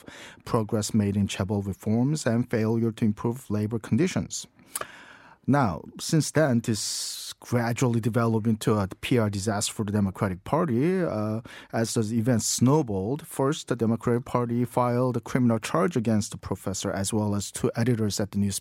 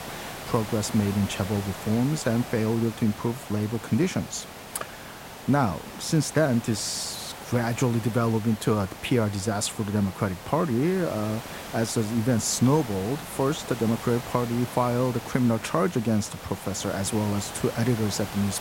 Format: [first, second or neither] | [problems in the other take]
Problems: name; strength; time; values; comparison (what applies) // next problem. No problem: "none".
first | hiss; noticeable; throughout; 10 dB below the speech